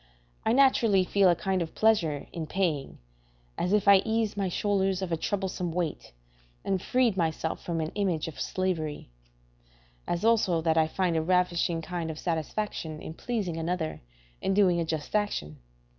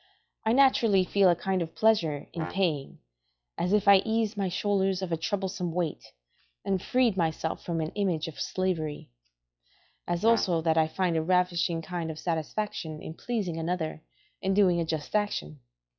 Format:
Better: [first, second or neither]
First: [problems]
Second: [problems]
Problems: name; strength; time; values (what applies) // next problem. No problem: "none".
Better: first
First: none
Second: noise reduction (classical method log-MMSE)